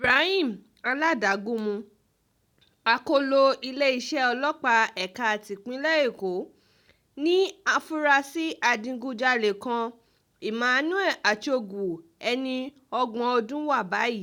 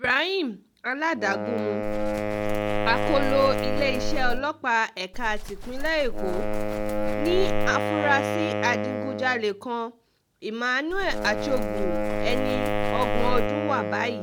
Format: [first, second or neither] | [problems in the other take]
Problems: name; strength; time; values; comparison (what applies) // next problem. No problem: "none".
first | background sound (Livestock, farm animals, working animals + Wind instrument, woodwind instrument); 1 dB above the speech